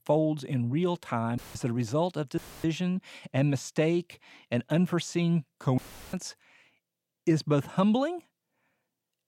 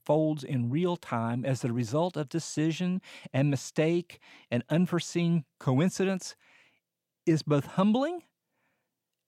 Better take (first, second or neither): second